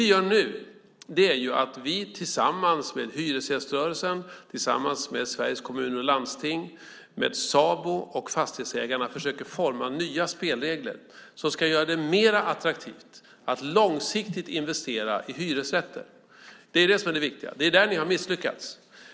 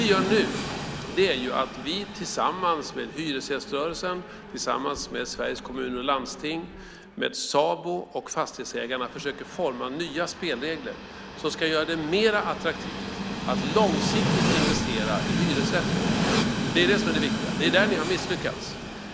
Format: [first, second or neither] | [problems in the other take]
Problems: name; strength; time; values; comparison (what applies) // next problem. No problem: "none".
first | background sound (Train); 2 dB below the speech